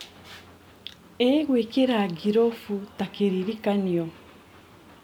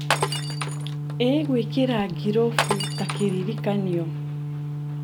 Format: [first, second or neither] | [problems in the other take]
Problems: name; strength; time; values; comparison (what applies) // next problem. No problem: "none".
first | background sound (Glass + Organ); 1 dB below the speech